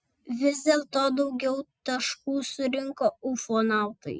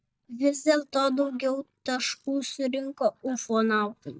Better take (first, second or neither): first